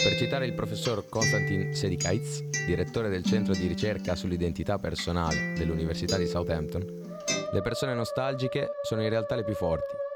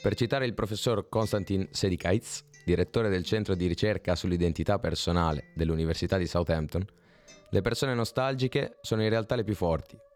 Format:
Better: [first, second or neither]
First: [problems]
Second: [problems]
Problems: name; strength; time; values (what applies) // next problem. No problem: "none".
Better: second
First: background music; loud; throughout; 1 dB below the speech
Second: background music; faint; throughout; 30 dB below the speech